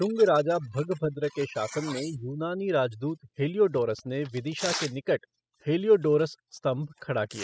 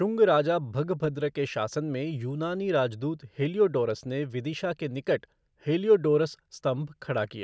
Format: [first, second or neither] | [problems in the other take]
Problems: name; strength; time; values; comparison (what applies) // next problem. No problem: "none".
second | noise reduction (classical method spectral subtraction)